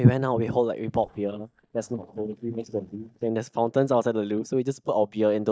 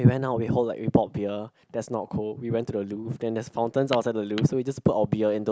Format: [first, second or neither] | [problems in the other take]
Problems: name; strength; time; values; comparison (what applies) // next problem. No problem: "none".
second | noise reduction (neural mask model DeepFilterNet 3)